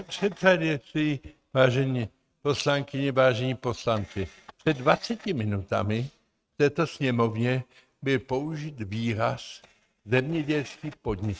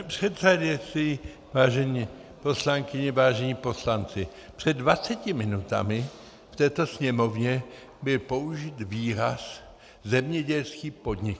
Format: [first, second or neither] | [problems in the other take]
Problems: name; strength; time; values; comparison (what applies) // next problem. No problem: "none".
second | noise reduction (neural mask model RNNoise)